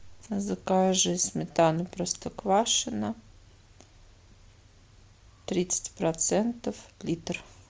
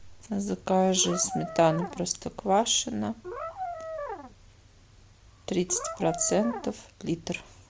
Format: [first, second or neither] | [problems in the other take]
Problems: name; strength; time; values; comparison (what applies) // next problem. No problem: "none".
first | background sound (Brass instrument); 8 dB below the speech